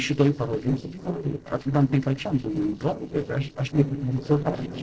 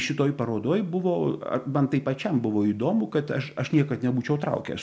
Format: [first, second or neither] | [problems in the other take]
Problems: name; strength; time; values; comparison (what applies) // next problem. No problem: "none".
second | noise reduction (neural separator model SepFormer DNS4)